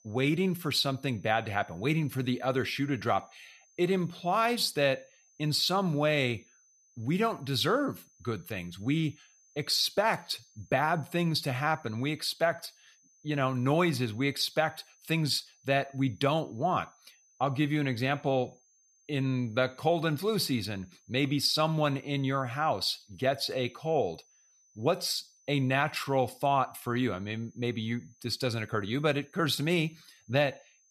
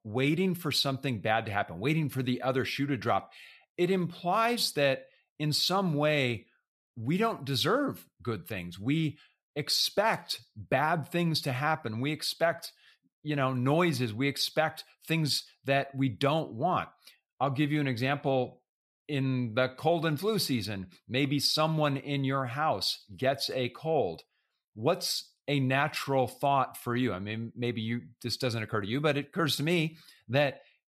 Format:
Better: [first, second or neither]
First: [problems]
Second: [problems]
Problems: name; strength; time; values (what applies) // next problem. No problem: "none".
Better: second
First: high-pitched whine; faint; throughout; 6 kHz, 30 dB below the speech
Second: none